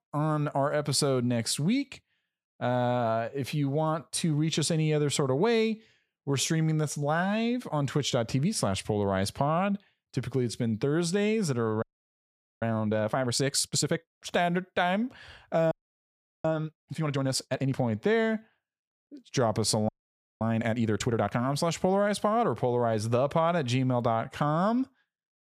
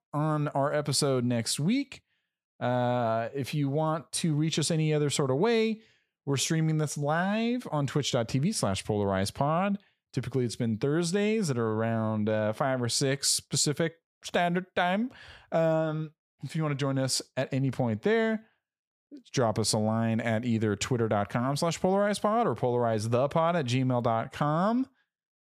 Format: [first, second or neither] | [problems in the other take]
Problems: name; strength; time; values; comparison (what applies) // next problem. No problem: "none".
second | audio freezing; at 12 s for 1 s, at 16 s for 0.5 s and at 20 s for 0.5 s